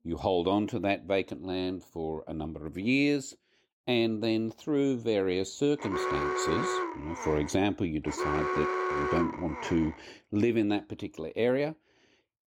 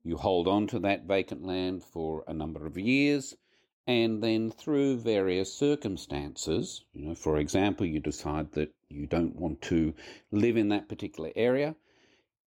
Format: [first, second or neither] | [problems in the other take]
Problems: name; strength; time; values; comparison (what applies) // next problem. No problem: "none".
second | alarm; loud; from 6 to 10 s; peak 1 dB above the speech